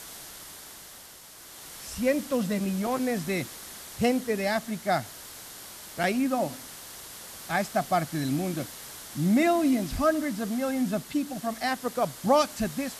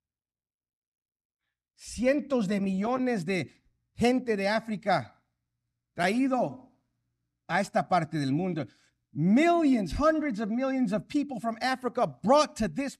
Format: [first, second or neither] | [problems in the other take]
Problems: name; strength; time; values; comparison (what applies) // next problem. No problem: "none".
second | hiss; noticeable; throughout; 15 dB below the speech